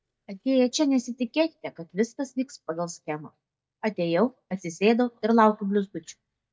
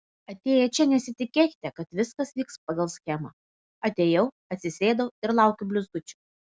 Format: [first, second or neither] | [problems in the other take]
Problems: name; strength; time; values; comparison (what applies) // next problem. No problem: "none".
second | noise reduction (neural mask model DeepFilterNet 3)